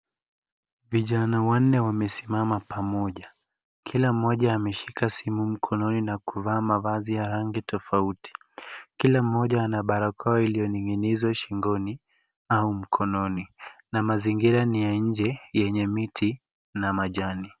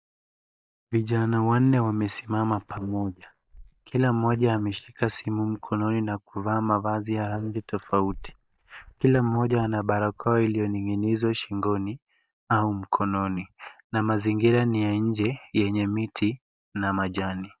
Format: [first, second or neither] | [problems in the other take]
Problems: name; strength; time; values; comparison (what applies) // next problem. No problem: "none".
first | noise reduction (neural mask model DeepFilterNet 3)